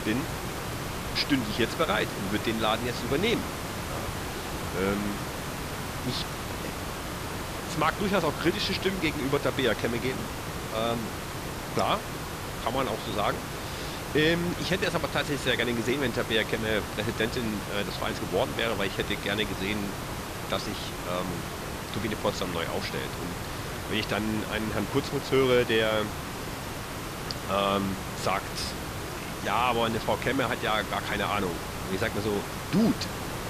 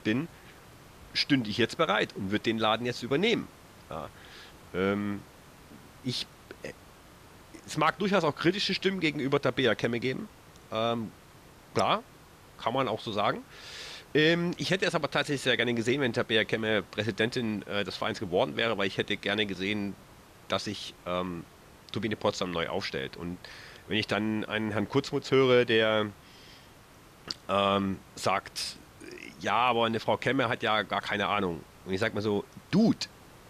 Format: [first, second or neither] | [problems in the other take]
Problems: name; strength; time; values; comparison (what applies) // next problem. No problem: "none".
second | hiss; loud; throughout; 5 dB below the speech; faint in the second